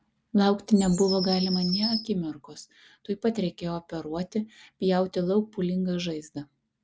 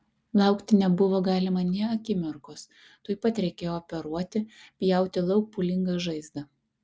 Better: second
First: background sound (Bird vocalization, bird call, bird song); 9 dB below the speech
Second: none

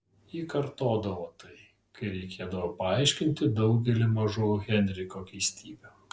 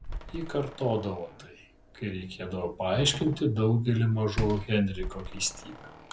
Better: first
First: none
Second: background sound (Slam); 11 dB below the speech

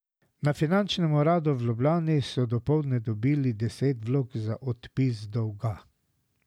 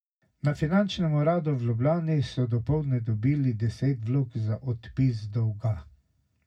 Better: first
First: none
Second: room echo; dies away in 0.4 s

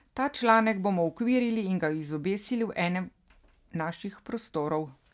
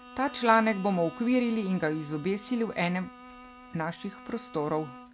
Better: first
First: none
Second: background sound (Bowed string instrument); 18 dB below the speech

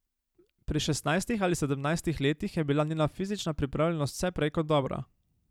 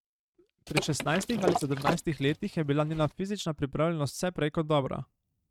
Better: first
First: none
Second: noise reduction (neural mask model RNNoise)

